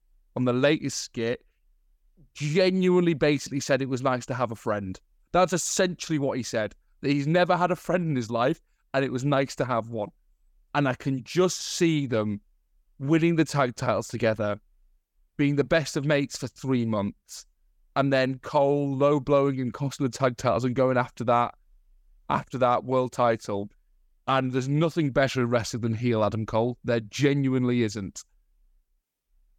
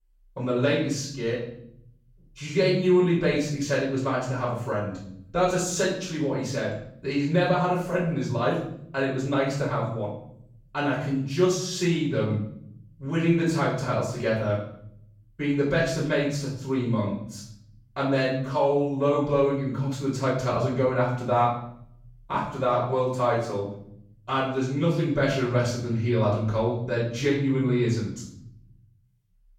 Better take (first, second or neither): first